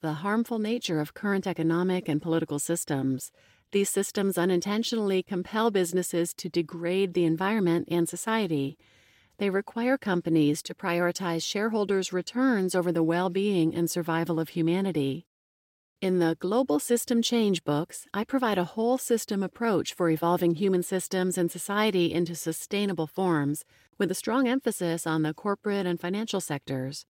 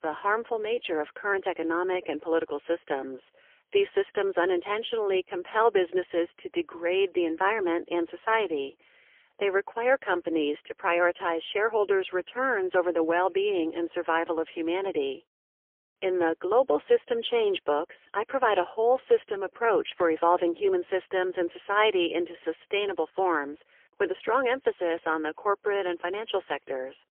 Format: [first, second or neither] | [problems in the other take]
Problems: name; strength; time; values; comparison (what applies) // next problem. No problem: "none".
first | phone-call audio; poor line; nothing above 3.5 kHz